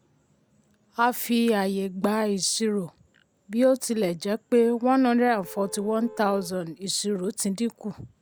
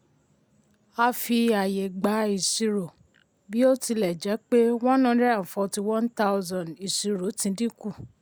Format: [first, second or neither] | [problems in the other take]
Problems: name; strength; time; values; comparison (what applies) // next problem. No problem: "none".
second | background sound (Vehicle horn, car horn, honking); 19 dB below the speech